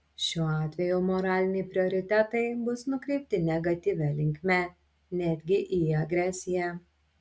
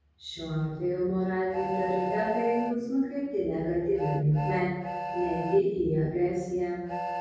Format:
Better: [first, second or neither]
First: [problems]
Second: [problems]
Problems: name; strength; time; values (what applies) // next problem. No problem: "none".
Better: first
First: none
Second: background sound (Train); 8 dB below the speech // room echo; dies away in 1.3 s